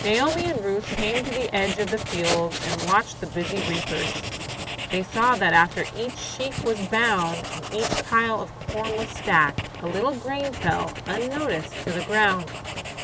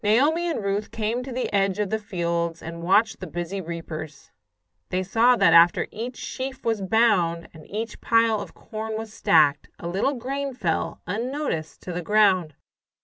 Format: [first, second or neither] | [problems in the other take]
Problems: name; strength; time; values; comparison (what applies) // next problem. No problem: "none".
second | background sound (Writing); 6 dB below the speech